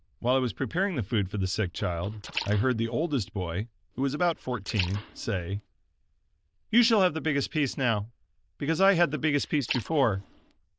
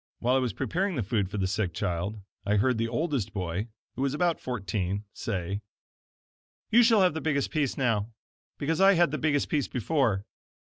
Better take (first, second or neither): second